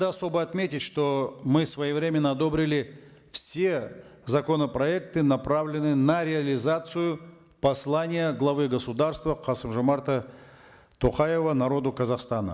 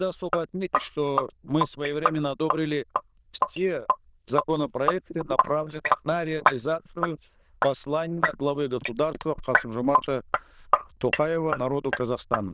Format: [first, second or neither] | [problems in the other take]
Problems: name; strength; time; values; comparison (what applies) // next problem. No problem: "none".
first | noise reduction (neural diffusion model UNIVERSE++)